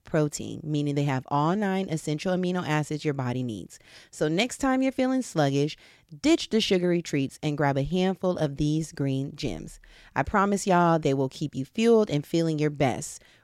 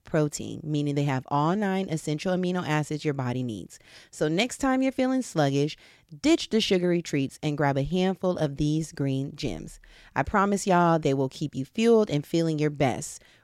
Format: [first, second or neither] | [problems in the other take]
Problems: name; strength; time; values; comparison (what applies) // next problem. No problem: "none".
neither | none